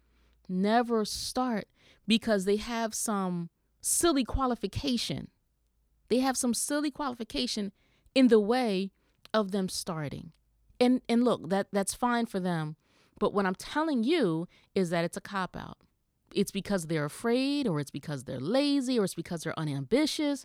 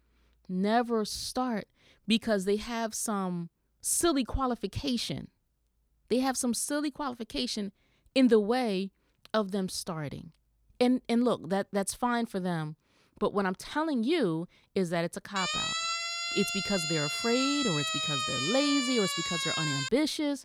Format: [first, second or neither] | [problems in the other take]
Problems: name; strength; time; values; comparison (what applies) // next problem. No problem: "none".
first | siren; loud; from 15 to 20 s; peak 1 dB above the speech